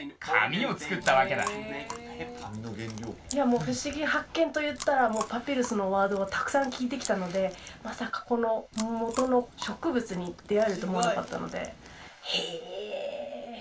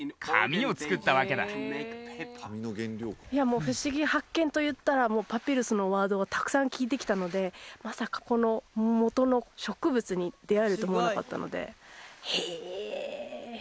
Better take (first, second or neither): second